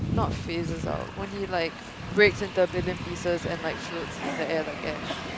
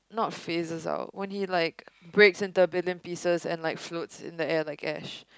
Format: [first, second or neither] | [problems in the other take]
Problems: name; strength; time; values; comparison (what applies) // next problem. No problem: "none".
second | background sound (Train); 4 dB below the speech